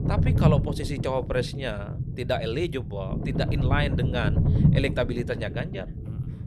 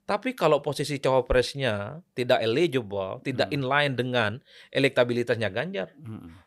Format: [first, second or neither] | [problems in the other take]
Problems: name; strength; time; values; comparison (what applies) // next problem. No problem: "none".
second | low rumble; loud; throughout; 7 dB below the speech